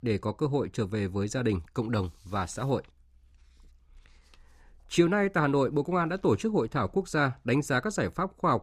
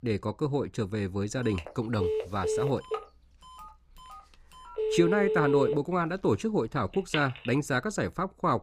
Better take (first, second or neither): first